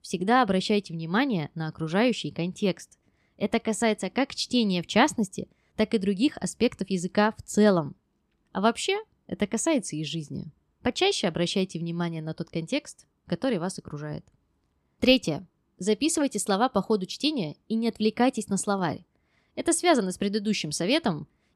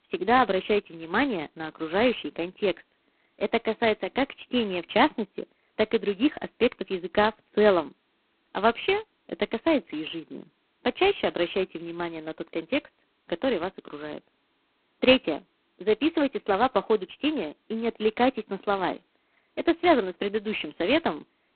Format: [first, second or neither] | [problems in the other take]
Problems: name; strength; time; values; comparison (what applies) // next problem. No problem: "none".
first | phone-call audio; poor line; nothing above 4 kHz